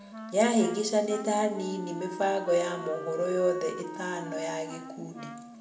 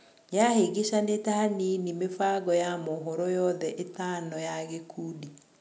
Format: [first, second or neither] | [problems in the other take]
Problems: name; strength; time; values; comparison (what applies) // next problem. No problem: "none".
second | background sound (Wind instrument, woodwind instrument); 12 dB below the speech // room echo; dies away in 0.8 s